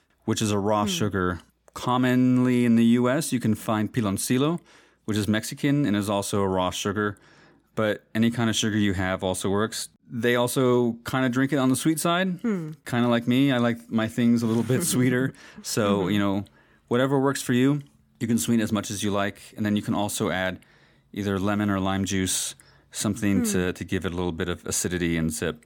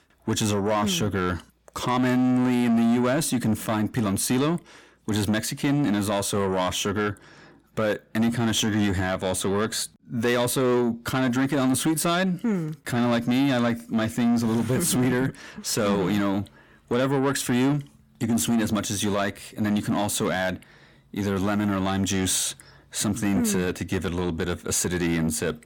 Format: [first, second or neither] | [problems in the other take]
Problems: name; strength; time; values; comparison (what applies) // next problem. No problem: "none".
first | distortion; slight; 10 dB below the speech